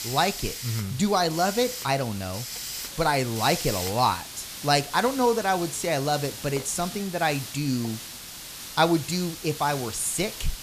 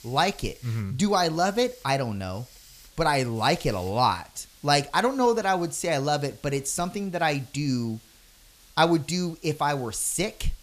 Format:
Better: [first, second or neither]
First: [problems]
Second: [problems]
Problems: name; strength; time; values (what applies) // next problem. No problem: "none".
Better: second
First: hiss; loud; throughout; 9 dB below the speech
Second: hiss; faint; throughout; 25 dB below the speech